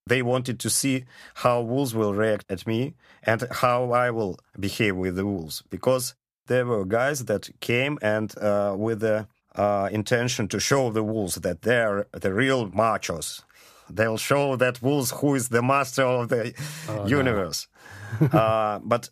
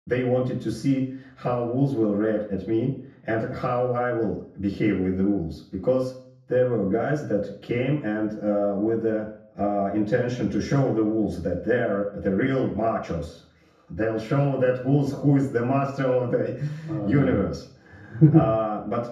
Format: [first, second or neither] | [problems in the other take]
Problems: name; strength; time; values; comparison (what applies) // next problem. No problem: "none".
first | room echo; noticeable; dies away in 0.6 s // off-mic speech; far